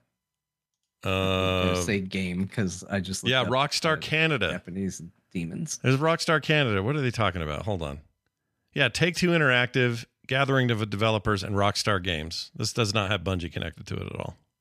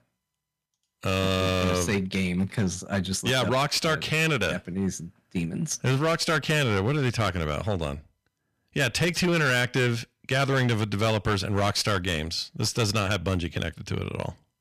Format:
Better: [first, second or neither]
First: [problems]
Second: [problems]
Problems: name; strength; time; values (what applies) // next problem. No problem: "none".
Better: first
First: none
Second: distortion; heavy; 10% of the sound clipped